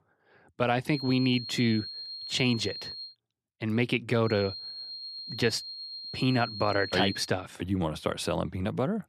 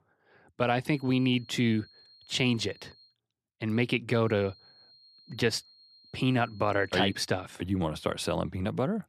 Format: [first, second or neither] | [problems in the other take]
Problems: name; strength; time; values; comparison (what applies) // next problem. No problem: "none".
second | high-pitched whine; loud; from 1 to 3 s and from 4.5 to 7.5 s; 4.5 kHz, 9 dB below the speech; faint in the second